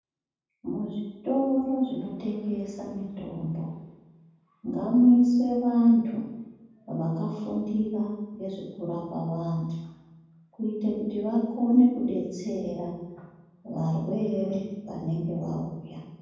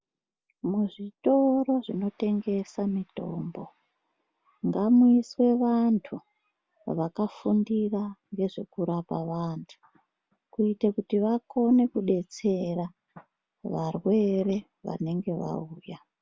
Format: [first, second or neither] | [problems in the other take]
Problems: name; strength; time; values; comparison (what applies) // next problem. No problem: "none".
second | room echo; dies away in 1.2 s